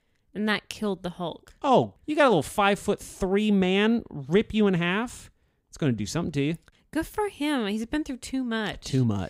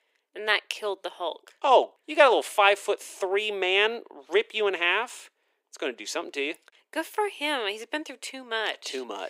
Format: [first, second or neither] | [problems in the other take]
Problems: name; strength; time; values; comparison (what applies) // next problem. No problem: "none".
first | thin; very; fading below 350 Hz